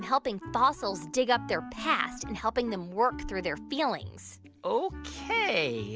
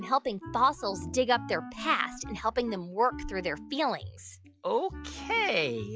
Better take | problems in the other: first | noise reduction (classical method log-MMSE)

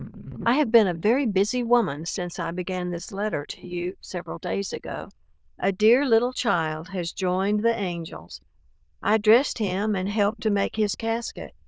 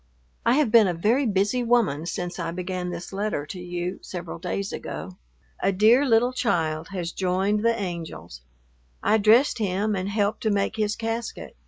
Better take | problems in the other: second | noise reduction (neural diffusion model UNIVERSE++)

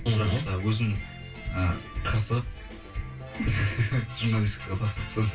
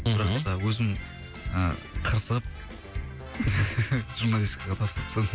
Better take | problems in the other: second | room echo; dies away in 0.2 s

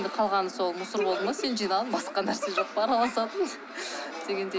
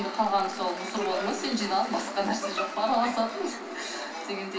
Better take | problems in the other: first | background sound (Applause); 17 dB below the speech // room echo; dies away in 2.4 s

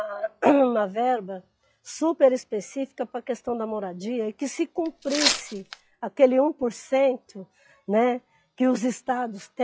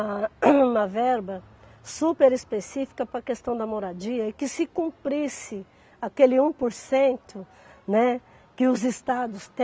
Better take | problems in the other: second | noise reduction (classical method log-MMSE)

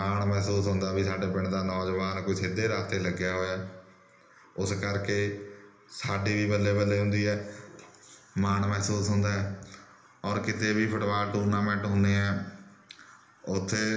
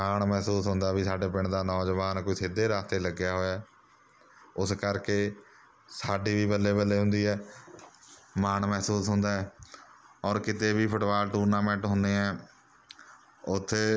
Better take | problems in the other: second | room echo; dies away in 1 s

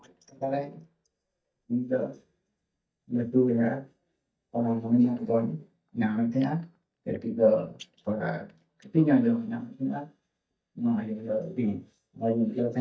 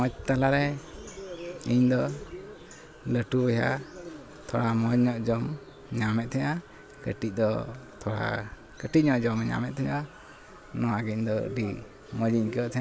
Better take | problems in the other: second | noise reduction (neural mask model DeepFilterNet 3)

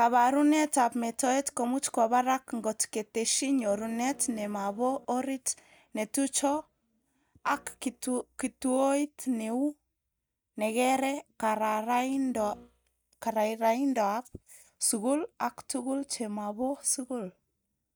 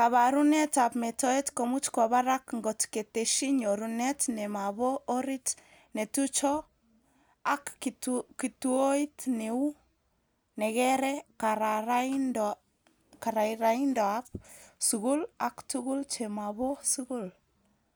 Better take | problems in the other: second | noise reduction (neural mask model DeepFilterNet 3)

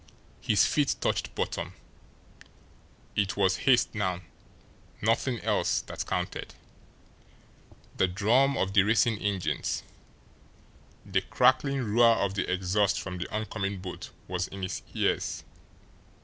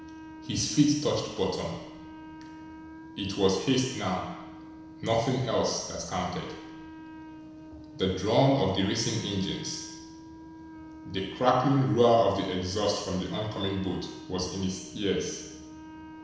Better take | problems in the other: first | background sound (Wind instrument, woodwind instrument); 17 dB below the speech // room echo; dies away in 1 s

